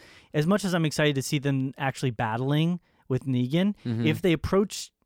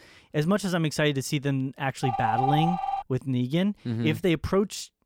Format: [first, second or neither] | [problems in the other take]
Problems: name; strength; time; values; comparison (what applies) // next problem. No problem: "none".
first | phone ringing; loud; at 2 s; peak 1 dB above the speech